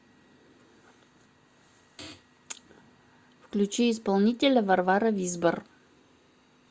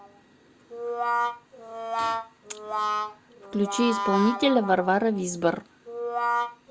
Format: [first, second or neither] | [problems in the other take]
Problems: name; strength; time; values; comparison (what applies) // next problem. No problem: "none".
first | background sound (Brass instrument); 3 dB below the speech